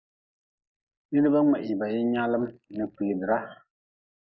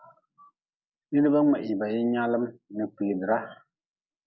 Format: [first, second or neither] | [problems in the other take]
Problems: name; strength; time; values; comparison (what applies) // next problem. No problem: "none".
second | noise reduction (neural mask model Resemble Enhance denoiser)